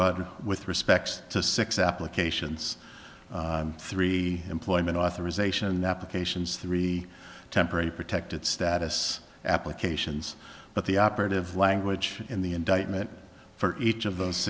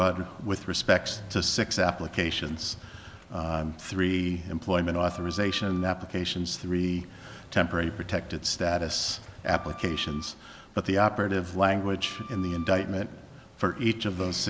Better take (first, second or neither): first